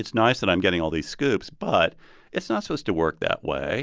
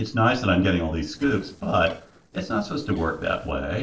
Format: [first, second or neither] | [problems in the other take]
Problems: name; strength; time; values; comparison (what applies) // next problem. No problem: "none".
first | noise reduction (neural separator model SepFormer DNS4)